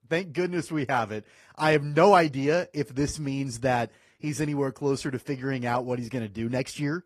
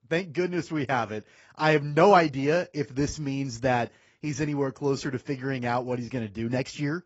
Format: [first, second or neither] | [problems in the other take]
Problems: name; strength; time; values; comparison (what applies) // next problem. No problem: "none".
first | garbled, watery; badly; nothing above 7.5 kHz; slightly in the first